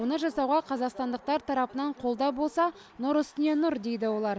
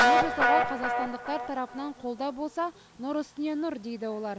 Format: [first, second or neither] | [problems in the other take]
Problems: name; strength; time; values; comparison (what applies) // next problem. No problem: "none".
first | background sound (Guitar); 3 dB above the speech